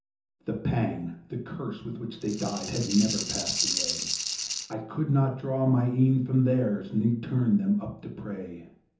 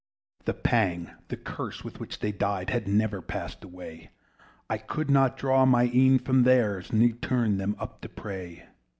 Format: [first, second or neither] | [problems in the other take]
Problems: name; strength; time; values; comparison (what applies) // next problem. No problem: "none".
second | background sound (Rattle (instrument)); 4 dB below the speech // room echo; dies away in 0.6 s